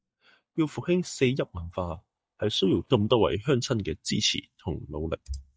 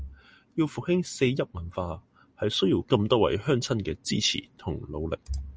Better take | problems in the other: second | noise reduction (neural mask model DeepFilterNet 3)

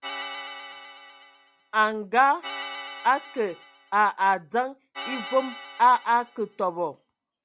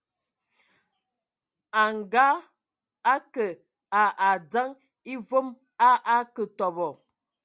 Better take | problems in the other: second | background sound (Organ); 14 dB below the speech

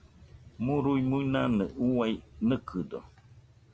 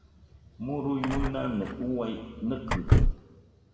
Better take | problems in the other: first | background sound (Door / Car); 4 dB above the speech // room echo; dies away in 1.7 s

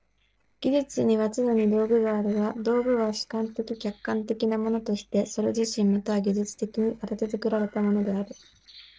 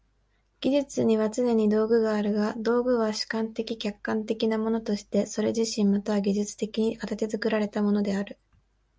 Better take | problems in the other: second | noise reduction (neural separator model SepFormer DNS4)

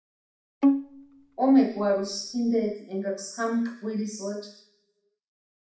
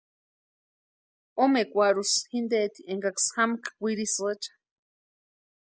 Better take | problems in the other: second | background sound (Bowed string instrument); 2 dB below the speech // room echo; dies away in 0.6 s

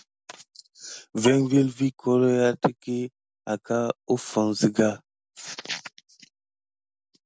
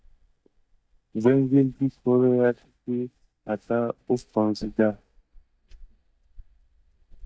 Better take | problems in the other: first | noise reduction (neural mask model DeepFilterNet 3)

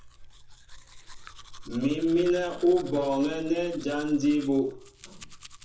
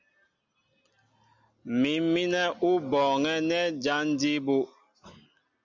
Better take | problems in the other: second | background sound (Domestic sounds, home sounds); 16 dB below the speech // room echo; dies away in 0.7 s

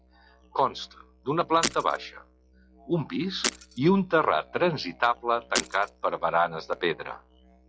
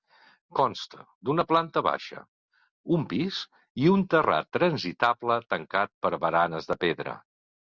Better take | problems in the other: second | noise reduction (classical method log-MMSE)

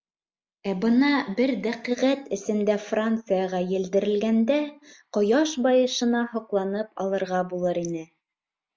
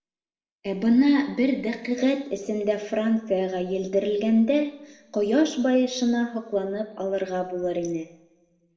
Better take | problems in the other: first | room echo; dies away in 0.8 s

